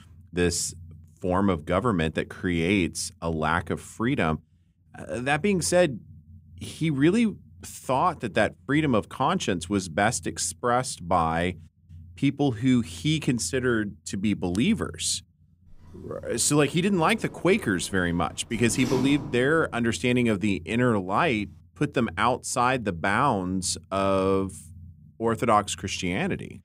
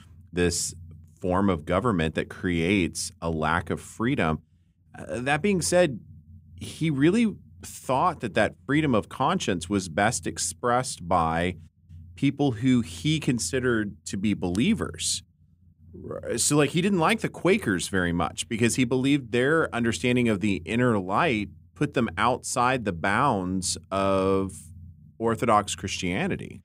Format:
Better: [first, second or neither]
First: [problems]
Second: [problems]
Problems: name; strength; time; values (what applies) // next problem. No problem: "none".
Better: second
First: door banging; noticeable; from 16 to 20 s; peak 6 dB below the speech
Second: none